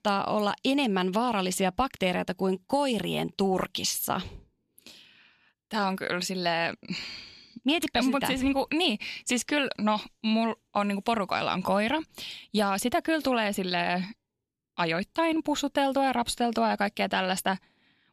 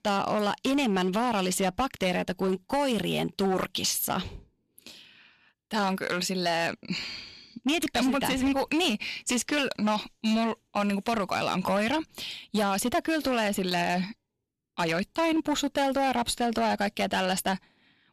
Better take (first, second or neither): first